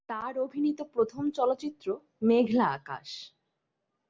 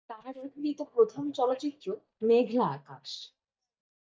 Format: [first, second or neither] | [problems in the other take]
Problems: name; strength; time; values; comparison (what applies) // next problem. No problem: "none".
first | noise reduction (neural mask model DeepFilterNet 3)